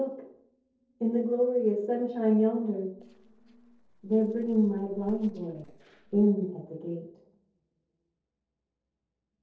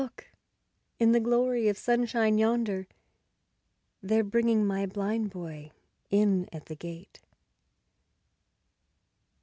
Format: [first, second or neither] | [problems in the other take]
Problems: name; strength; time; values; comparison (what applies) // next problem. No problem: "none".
second | noise reduction (neural separator model SepFormer DNS4)